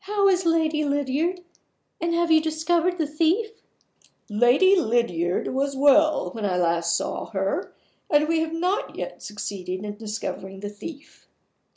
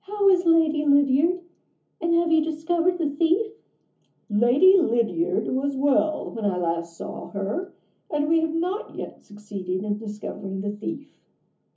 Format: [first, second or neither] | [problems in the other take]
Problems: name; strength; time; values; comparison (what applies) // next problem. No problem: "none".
first | room echo; dies away in 0.3 s